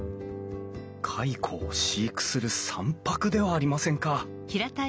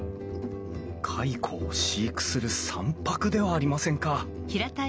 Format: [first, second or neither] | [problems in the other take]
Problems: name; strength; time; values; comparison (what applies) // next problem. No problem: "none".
first | background sound (Musical instrument); 9 dB below the speech